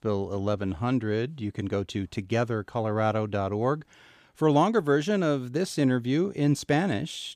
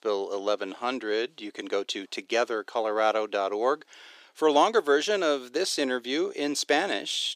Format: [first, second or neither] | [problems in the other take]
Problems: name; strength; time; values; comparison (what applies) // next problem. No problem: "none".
first | thin; somewhat; fading below 350 Hz